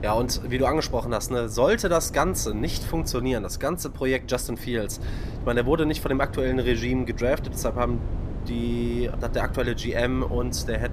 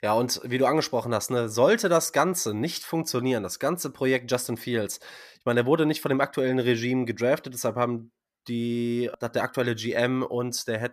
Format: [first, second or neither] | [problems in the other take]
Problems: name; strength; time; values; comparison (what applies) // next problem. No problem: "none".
second | wind noise on the microphone; occasional gusts; 15 dB below the speech